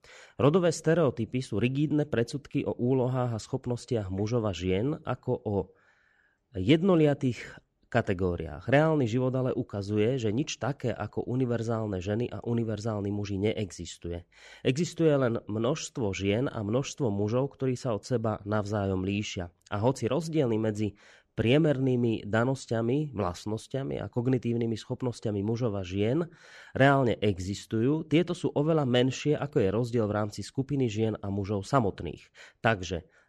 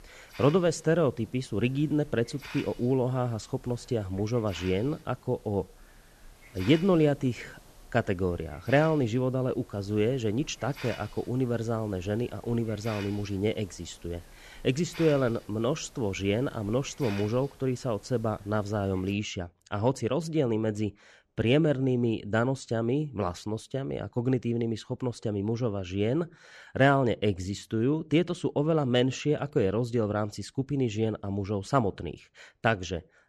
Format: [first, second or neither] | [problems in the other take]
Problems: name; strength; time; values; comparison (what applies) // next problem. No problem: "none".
first | hiss; noticeable; until 19 s; 20 dB below the speech